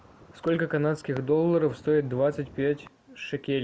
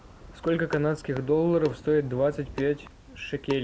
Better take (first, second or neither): first